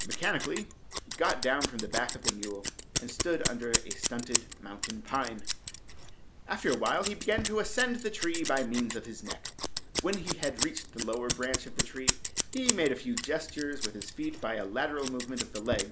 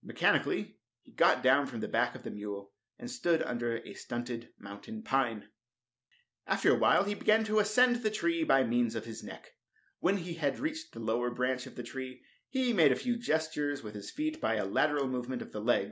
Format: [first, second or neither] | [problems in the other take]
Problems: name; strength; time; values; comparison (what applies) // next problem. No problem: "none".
second | background sound (Scissors); 2 dB below the speech